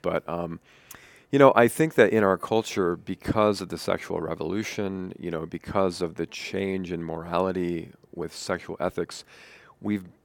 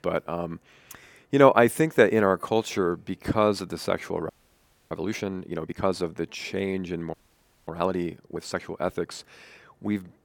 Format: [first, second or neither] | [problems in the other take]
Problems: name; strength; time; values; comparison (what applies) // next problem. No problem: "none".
first | audio freezing; at 4.5 s for 0.5 s and at 7 s for 0.5 s